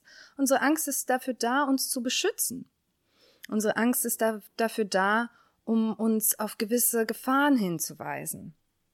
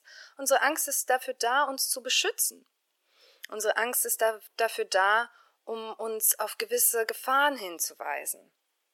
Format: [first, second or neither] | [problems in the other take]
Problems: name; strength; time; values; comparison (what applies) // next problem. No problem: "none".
first | thin; very; fading below 450 Hz